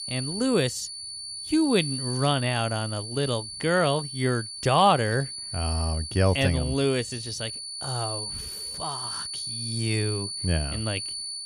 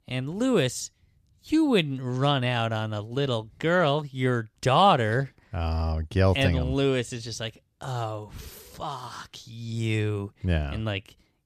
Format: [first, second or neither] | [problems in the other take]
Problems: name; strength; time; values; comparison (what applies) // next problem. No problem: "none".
second | high-pitched whine; loud; throughout; 4.5 kHz, 6 dB below the speech